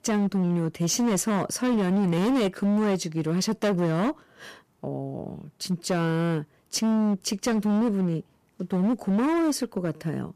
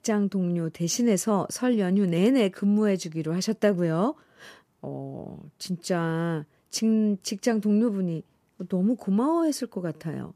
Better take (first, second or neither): second